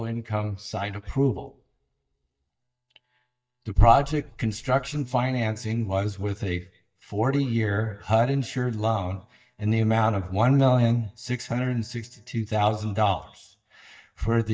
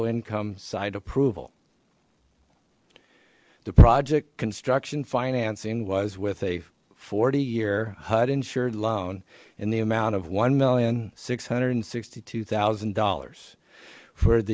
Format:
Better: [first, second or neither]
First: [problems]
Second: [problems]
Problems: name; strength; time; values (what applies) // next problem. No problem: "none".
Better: second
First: noise reduction (neural mask model DeepFilterNet 3)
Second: none